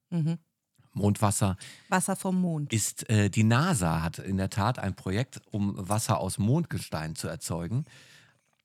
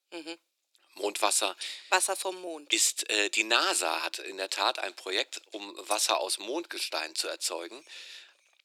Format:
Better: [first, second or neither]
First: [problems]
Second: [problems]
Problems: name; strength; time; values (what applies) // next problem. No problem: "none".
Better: first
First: none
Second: thin; very; fading below 350 Hz